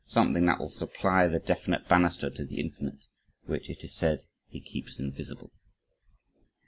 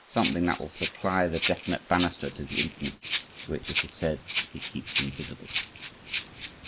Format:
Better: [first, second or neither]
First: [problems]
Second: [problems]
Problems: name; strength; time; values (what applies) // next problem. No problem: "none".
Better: first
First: none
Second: noise reduction (neural mask model Resemble Enhance denoiser)